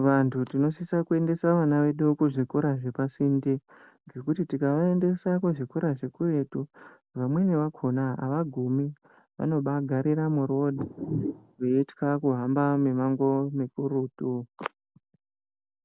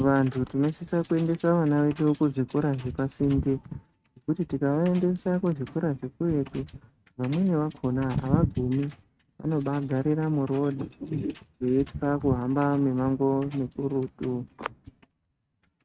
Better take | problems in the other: first | noise reduction (neural mask model RNNoise)

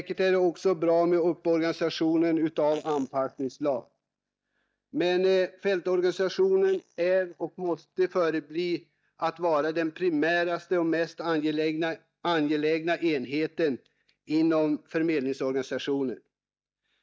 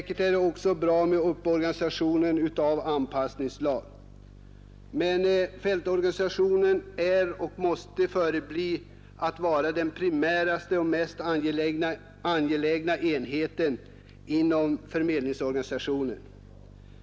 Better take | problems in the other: second | noise reduction (neural mask model DeepFilterNet 3)

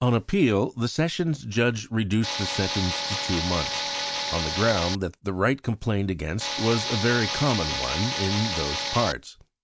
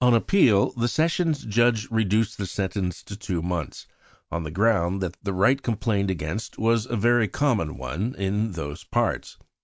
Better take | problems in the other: second | background sound (Tools); 3 dB below the speech

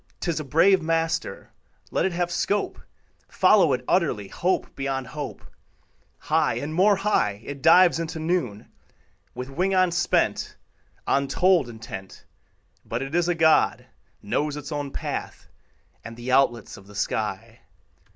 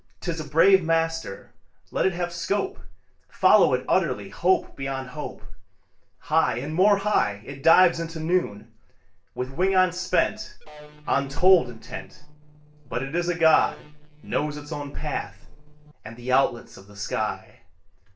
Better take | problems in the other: first | noise reduction (neural separator model SepFormer DNS4)

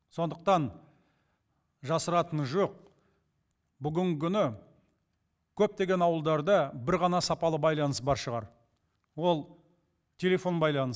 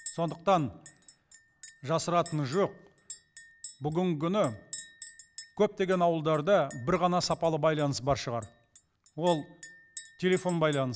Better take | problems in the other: first | background sound (Chink, clink); 18 dB below the speech

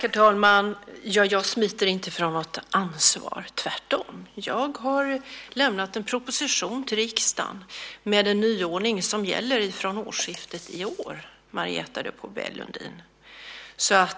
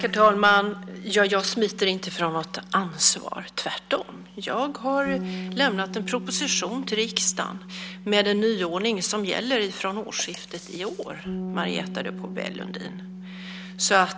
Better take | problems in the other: first | background sound (Bass guitar); 12 dB below the speech

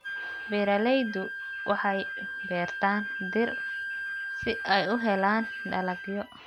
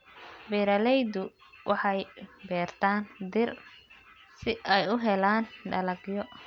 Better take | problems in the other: second | background sound (Wind instrument, woodwind instrument); 6 dB below the speech

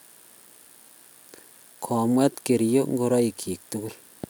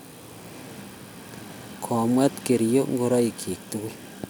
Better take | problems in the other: first | background sound (Train); 15 dB below the speech

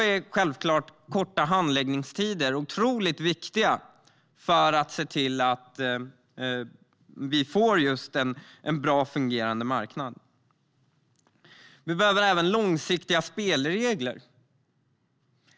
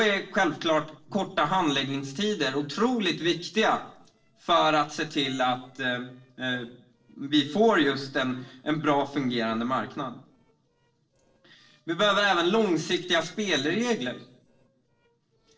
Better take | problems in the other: first | noise reduction (neural separator model SepFormer DNS4)

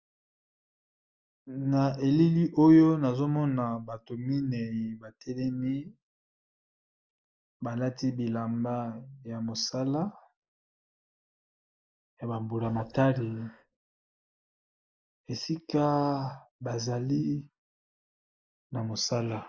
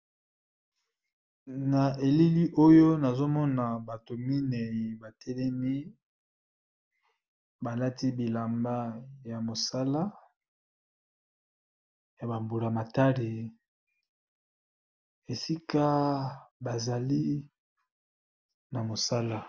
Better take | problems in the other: second | noise reduction (neural mask model Resemble Enhance denoiser)

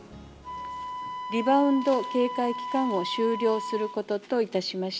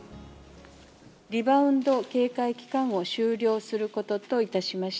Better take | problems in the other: second | background sound (Wind instrument, woodwind instrument); 9 dB below the speech

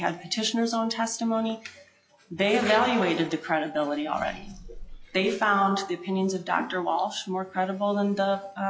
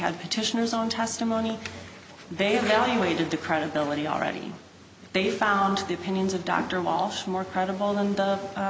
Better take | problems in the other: second | noise reduction (classical method log-MMSE)

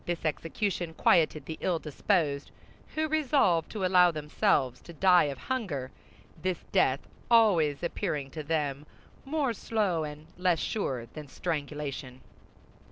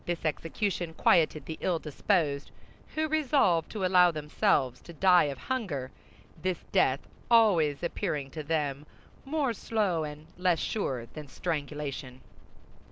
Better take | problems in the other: first | background sound (Water / Splash, splatter); 15 dB below the speech

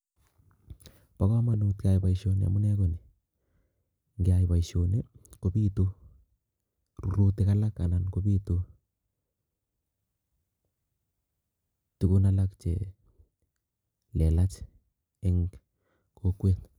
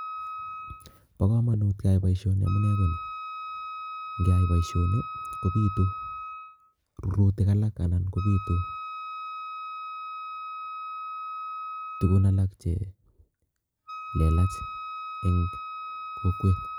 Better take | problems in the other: first | background sound (Wind instrument, woodwind instrument); 11 dB below the speech

